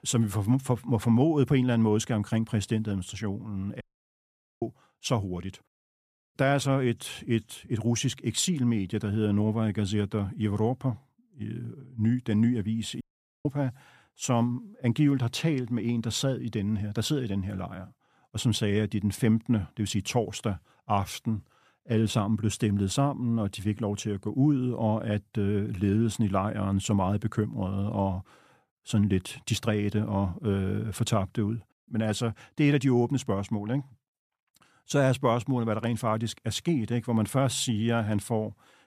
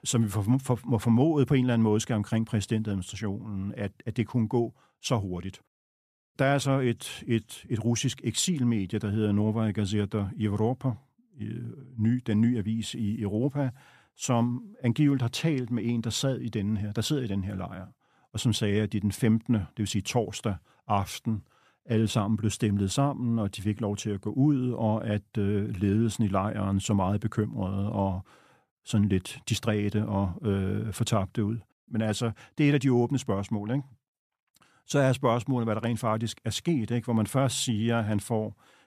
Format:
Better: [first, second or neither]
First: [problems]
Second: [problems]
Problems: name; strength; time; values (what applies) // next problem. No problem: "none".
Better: second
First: audio cutting out; at 4 s for 1 s and at 13 s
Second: none